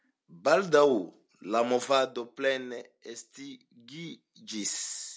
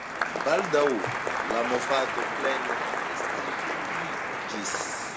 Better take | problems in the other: first | background sound (Applause); 1 dB above the speech

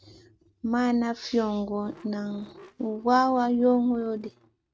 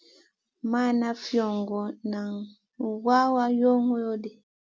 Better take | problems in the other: second | noise reduction (neural mask model RNNoise)

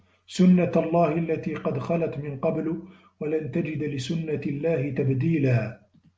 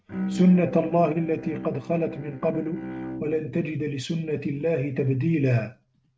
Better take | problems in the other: first | noise reduction (neural mask model RNNoise)

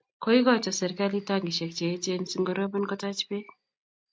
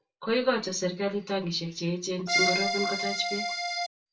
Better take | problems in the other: first | background sound (Accordion); 2 dB above the speech // room echo; dies away in 0.2 s

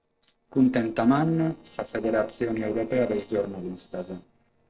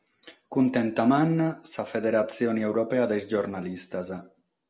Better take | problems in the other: second | noise reduction (neural separator model SepFormer DNS4)

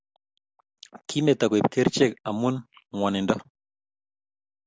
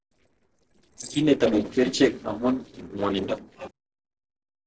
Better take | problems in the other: first | noise reduction (neural separator model SepFormer DNS4)

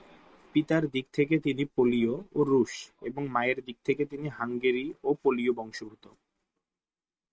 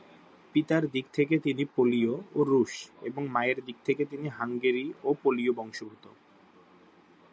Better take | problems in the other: second | noise reduction (neural mask model RNNoise)

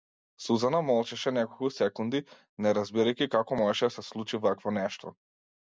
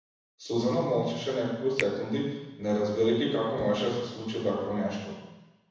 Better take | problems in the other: first | background sound (Finger snapping); 15 dB below the speech // room echo; dies away in 1.1 s

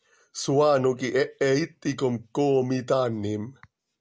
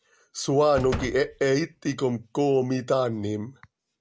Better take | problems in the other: first | background sound (Slam); 12 dB below the speech

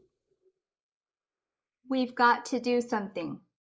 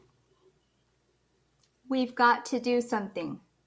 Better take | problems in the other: second | noise reduction (neural mask model Resemble Enhance denoiser)

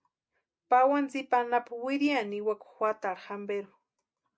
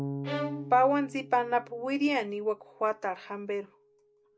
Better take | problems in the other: first | background sound (Bowed string instrument + Bass guitar); 10 dB below the speech

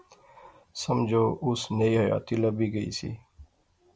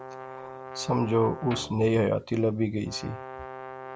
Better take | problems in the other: first | background sound (Guitar + Brass instrument); 13 dB below the speech

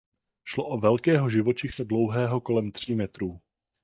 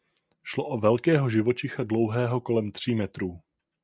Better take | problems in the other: second | noise reduction (neural mask model DeepFilterNet 3)

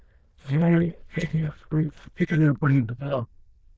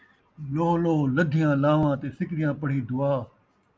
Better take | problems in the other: second | noise reduction (neural diffusion model UNIVERSE++)

